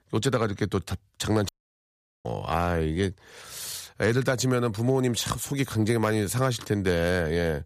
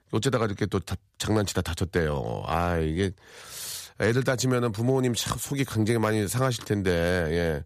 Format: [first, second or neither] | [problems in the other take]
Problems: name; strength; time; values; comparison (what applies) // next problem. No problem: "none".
second | audio cutting out; at 1.5 s for 1 s